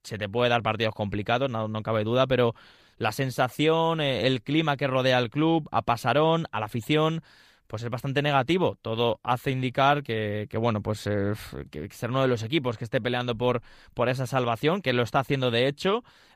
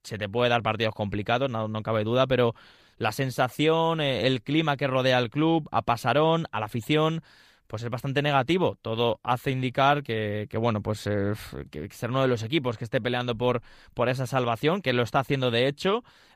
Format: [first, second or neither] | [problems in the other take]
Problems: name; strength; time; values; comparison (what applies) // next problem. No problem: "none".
neither | none